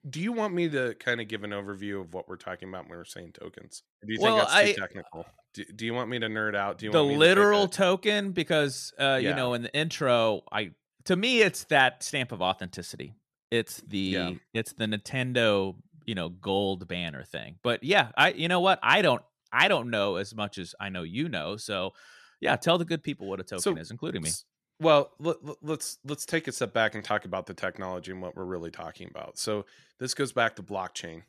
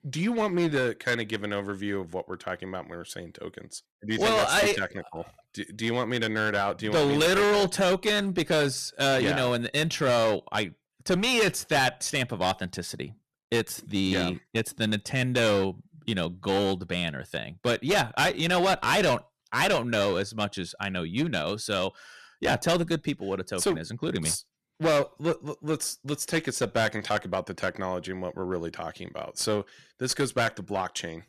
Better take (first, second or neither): first